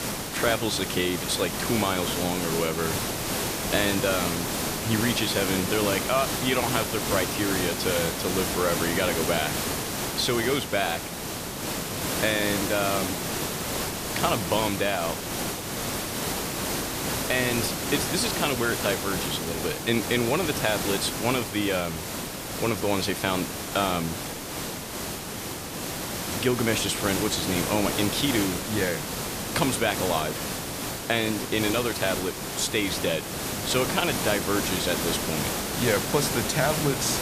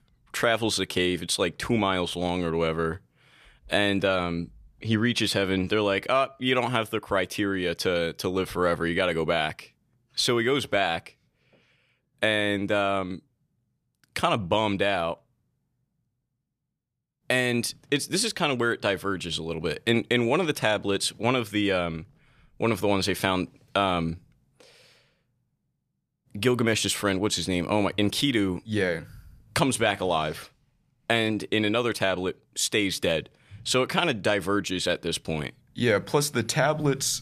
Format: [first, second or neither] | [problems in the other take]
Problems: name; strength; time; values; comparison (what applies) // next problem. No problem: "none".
second | hiss; loud; throughout; 2 dB below the speech